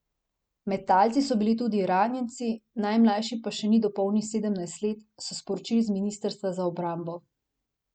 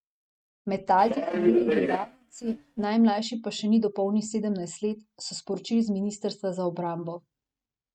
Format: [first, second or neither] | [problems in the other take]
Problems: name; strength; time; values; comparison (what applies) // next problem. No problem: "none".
first | noise reduction (neural mask model RNNoise)